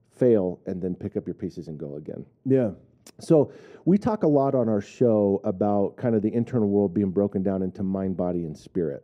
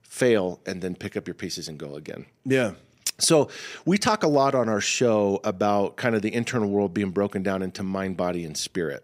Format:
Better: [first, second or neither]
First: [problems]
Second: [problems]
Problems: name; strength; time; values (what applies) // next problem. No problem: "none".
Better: second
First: muffled; very; fading above 1 kHz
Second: none